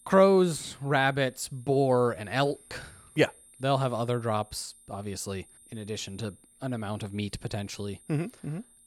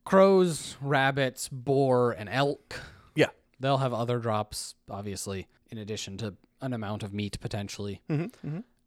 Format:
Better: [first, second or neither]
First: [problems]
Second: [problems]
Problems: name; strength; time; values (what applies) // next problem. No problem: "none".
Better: second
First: high-pitched whine; faint; throughout; 9 kHz, 25 dB below the speech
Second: none